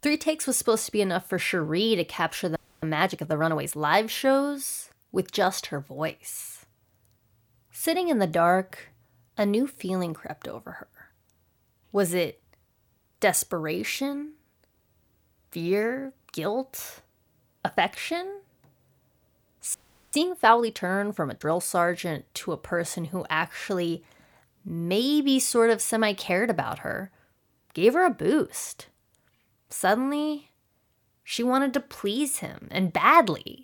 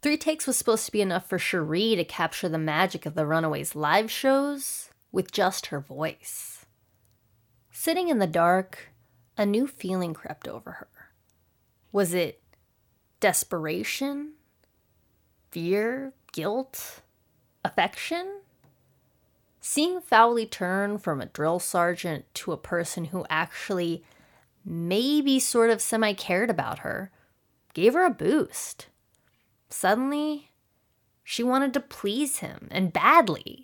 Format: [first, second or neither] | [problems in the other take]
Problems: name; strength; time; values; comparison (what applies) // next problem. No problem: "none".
second | audio freezing; at 2.5 s and at 20 s